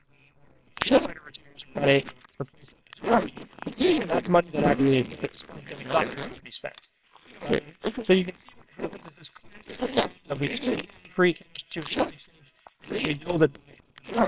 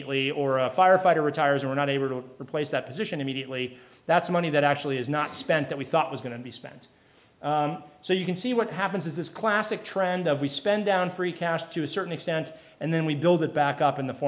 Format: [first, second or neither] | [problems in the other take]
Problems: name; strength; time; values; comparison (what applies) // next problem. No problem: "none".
second | noise reduction (neural separator model SepFormer WHAMR!)